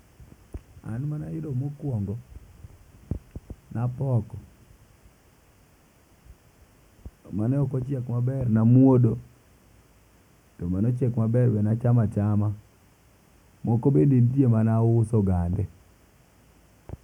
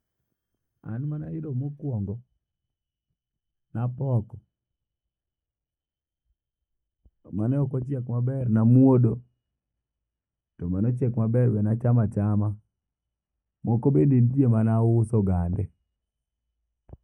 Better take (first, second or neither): first